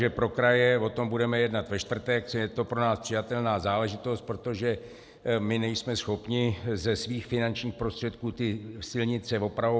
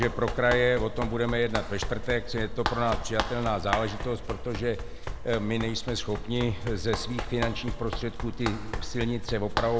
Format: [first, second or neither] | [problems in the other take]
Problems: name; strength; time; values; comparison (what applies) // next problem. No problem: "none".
first | background sound (Run); 4 dB below the speech